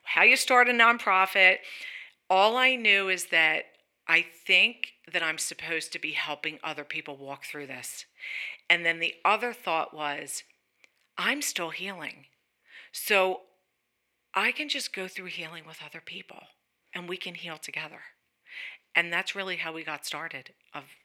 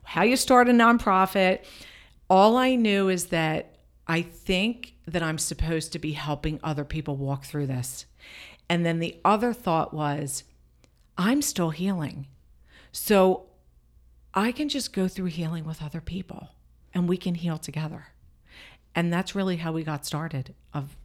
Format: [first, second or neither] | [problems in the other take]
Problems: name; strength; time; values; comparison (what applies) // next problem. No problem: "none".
second | thin; somewhat; fading below 450 Hz